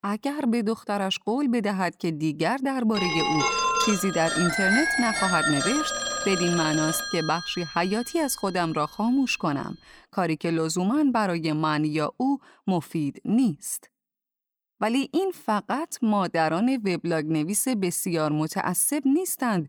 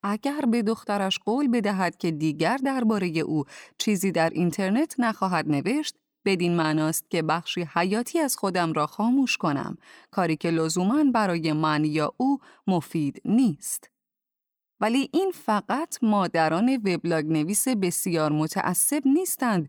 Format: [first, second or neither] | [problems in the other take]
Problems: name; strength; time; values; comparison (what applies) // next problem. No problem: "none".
second | phone ringing; loud; from 3 to 8 s; peak 4 dB above the speech